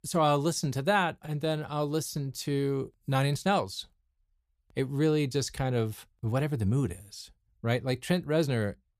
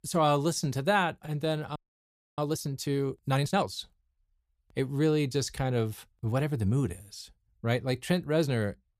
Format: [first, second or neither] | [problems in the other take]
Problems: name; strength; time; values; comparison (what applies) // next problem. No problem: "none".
first | audio freezing; at 2 s for 0.5 s